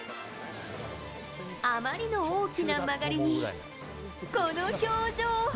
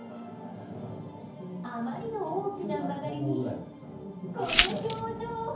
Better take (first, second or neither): first